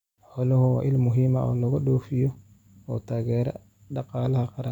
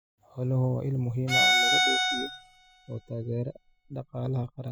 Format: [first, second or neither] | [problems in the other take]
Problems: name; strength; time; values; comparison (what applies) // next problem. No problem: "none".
first | noise reduction (classical method spectral subtraction)